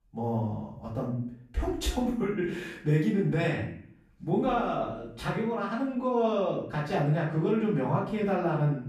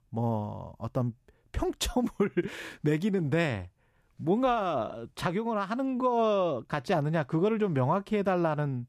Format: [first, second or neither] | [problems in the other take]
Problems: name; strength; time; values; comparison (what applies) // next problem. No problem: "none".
second | off-mic speech; far // room echo; noticeable; dies away in 0.5 s